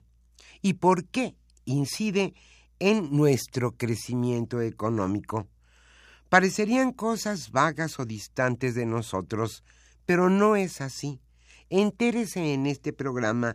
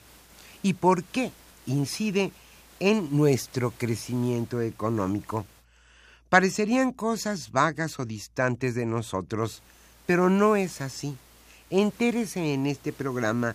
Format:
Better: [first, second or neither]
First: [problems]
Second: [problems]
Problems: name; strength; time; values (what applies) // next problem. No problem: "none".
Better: first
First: none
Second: hiss; faint; until 5.5 s and from 9.5 s on; 25 dB below the speech